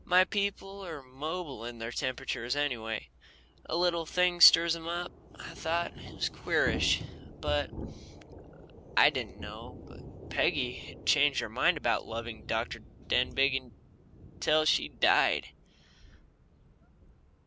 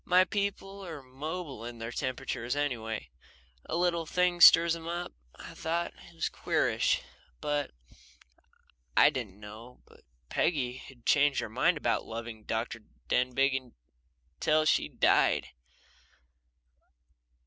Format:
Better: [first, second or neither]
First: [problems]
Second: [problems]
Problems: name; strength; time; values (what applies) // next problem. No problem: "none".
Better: second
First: background sound (Thunder / Rain); 14 dB below the speech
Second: none